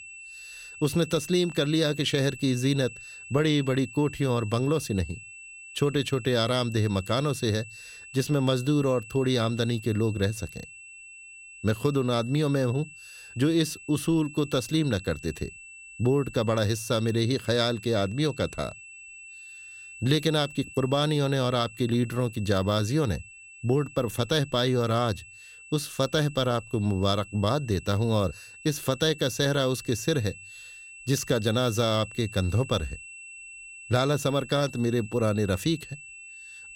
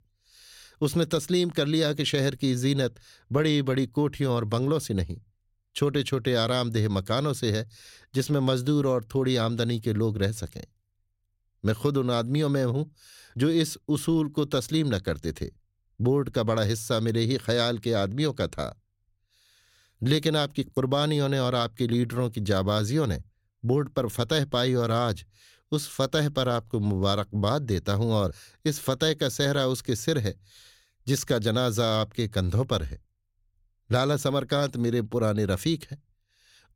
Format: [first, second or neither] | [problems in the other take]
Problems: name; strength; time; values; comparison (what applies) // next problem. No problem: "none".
second | high-pitched whine; noticeable; throughout; 2.5 kHz, 15 dB below the speech